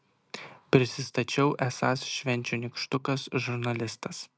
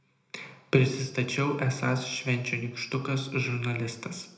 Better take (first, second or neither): first